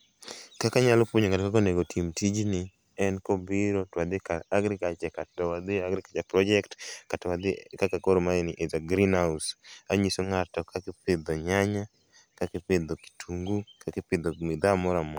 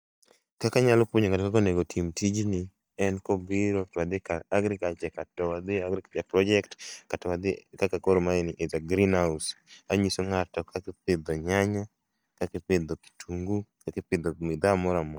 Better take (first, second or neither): first